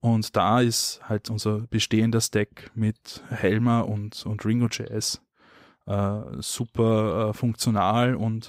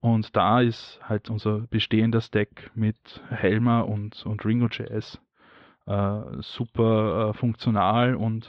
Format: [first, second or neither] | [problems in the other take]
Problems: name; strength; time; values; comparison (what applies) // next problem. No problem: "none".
first | muffled; very; fading above 3.5 kHz